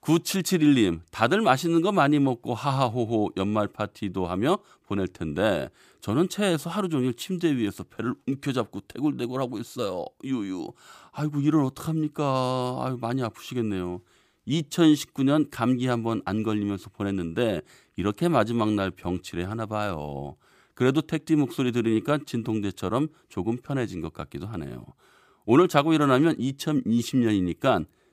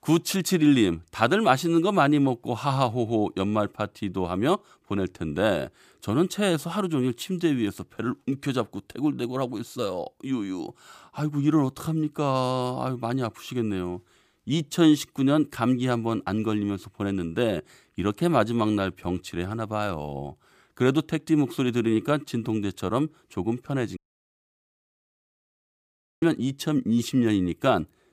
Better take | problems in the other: first | audio cutting out; at 24 s for 2.5 s

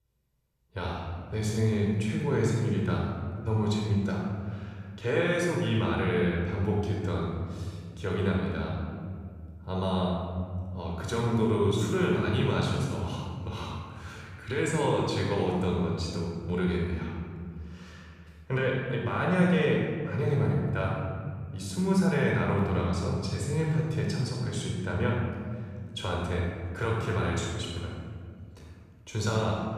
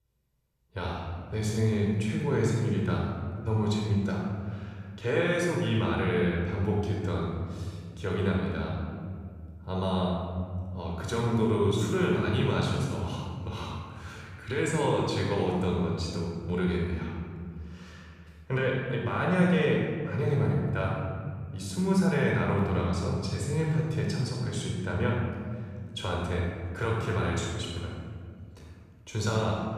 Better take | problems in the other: neither | room echo; strong; dies away in 1.9 s; the same in both // off-mic speech; far; the same in both

